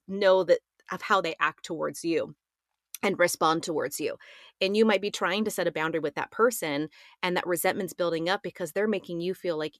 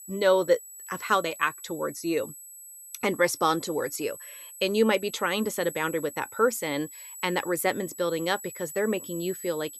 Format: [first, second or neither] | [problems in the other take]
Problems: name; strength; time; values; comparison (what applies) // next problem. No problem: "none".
first | high-pitched whine; noticeable; throughout; 8 kHz, 15 dB below the speech